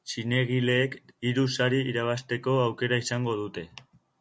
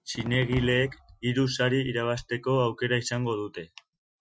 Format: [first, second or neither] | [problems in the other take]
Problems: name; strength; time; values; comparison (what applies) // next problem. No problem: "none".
first | noise reduction (classical method Wiener filter)